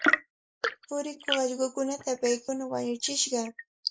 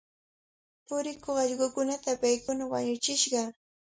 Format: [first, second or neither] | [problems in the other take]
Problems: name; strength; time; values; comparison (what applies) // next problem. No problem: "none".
second | noise reduction (neural mask model Resemble Enhance denoiser)